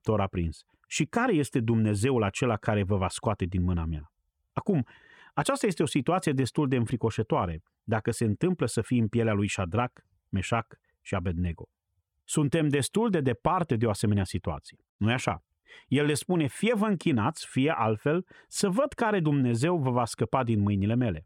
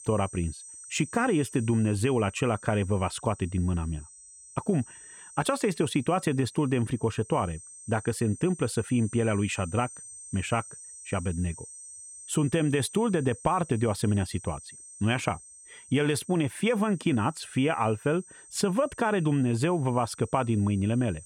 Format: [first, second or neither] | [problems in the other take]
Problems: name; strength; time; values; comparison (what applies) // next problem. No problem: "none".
first | high-pitched whine; noticeable; throughout; 8.5 kHz, 15 dB below the speech